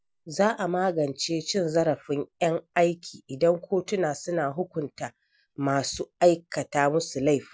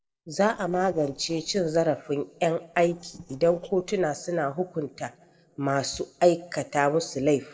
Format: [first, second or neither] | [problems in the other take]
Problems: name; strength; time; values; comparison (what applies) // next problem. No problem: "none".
first | noise reduction (neural separator model SepFormer DNS4)